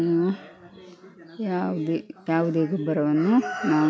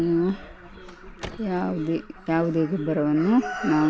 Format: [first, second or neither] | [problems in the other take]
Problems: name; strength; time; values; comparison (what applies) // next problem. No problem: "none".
first | background sound (Alarm + Car); 20 dB below the speech